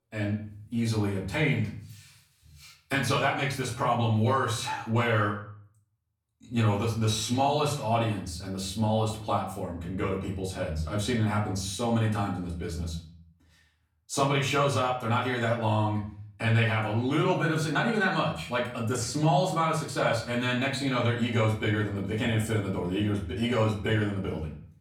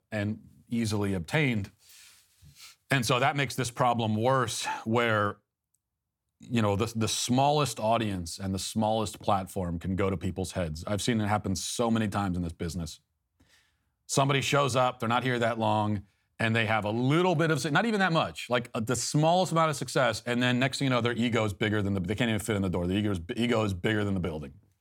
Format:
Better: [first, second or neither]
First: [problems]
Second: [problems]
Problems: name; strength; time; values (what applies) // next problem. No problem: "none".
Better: second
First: off-mic speech; far // room echo; slight; dies away in 0.5 s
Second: none